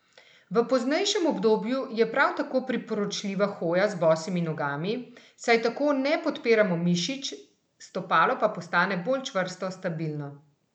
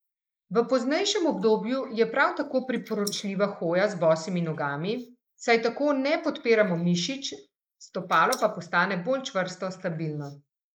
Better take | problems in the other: first | noise reduction (neural mask model Resemble Enhance denoiser)

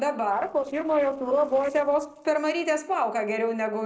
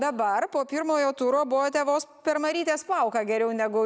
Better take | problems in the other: second | noise reduction (neural separator model SepFormer DNS4)

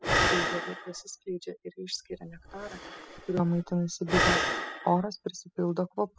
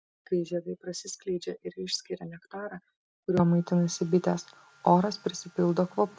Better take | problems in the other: second | noise reduction (classical method spectral subtraction)

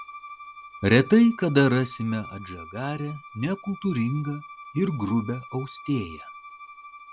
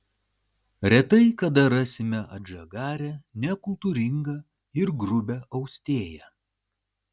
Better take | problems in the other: second | background sound (Bowed string instrument); 17 dB below the speech

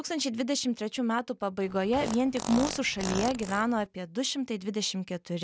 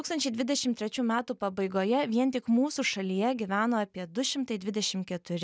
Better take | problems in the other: second | background sound (Fart); 8 dB below the speech

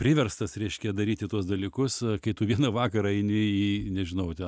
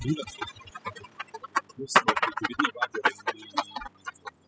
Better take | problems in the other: first | noise reduction (classical method spectral subtraction)

